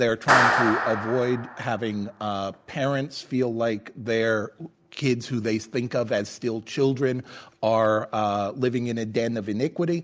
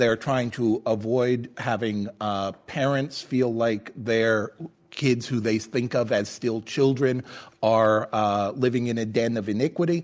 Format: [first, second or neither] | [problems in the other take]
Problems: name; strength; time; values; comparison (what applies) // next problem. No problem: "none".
second | background sound (Clapping); 1 dB below the speech